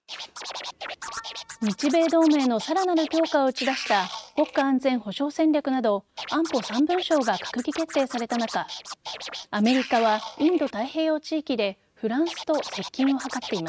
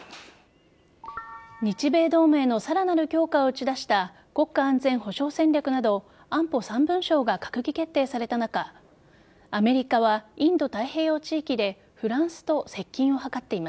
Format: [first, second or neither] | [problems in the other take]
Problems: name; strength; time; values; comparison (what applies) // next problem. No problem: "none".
second | noise reduction (neural mask model RNNoise)